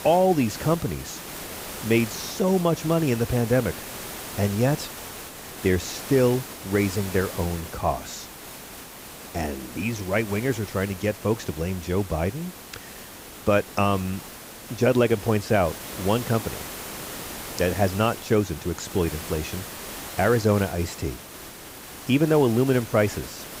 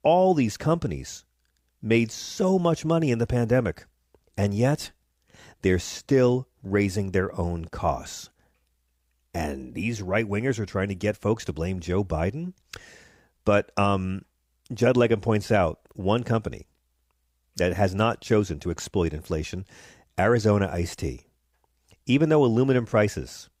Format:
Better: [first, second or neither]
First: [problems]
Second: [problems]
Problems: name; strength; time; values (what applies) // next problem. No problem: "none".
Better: second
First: hiss; noticeable; throughout; 10 dB below the speech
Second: none